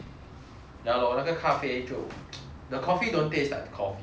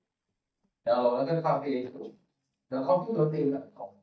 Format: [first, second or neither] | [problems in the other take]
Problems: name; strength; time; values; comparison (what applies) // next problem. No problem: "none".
first | noise reduction (neural mask model DeepFilterNet 3)